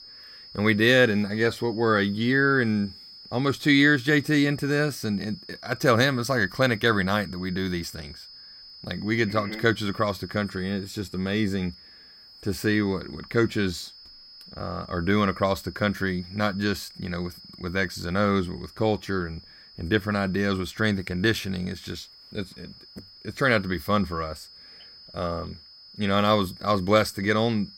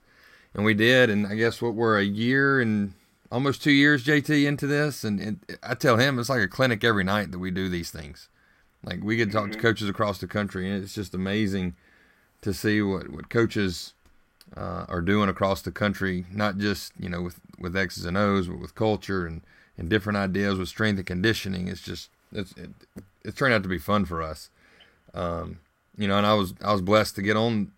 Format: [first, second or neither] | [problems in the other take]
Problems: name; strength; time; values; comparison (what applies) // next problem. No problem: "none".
second | high-pitched whine; noticeable; throughout; 5 kHz, 20 dB below the speech